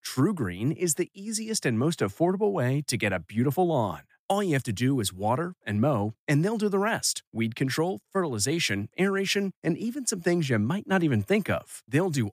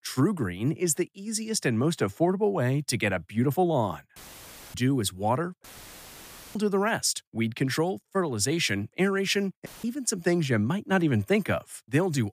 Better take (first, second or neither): first